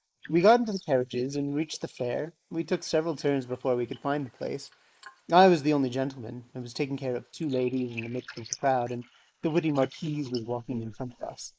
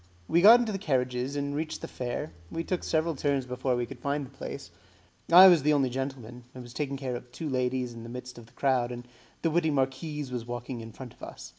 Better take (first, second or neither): second